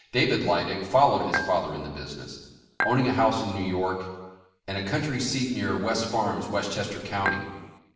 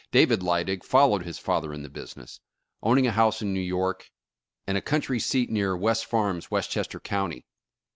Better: second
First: background sound (Dishes, pots, and pans / Chink, clink); 4 dB below the speech // room echo; dies away in 1.1 s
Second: none

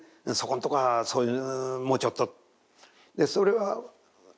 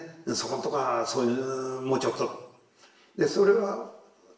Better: first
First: none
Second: room echo; dies away in 0.8 s

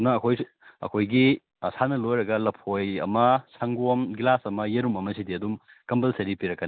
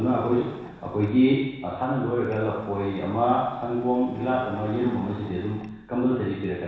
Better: first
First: none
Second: background sound (Mechanisms); 20 dB below the speech // room echo; dies away in 1.1 s

